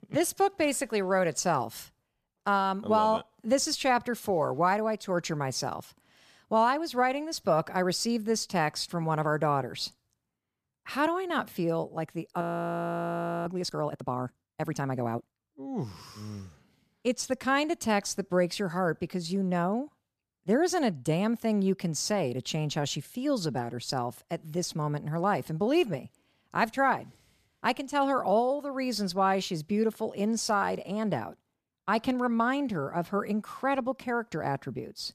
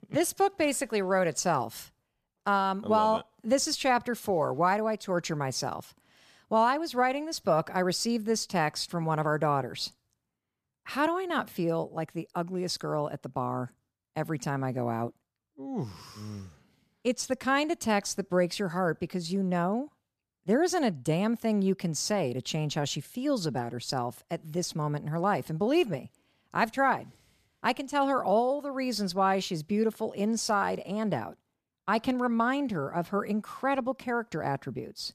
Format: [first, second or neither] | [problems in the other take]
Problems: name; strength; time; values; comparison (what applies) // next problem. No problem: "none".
second | audio freezing; at 12 s for 1 s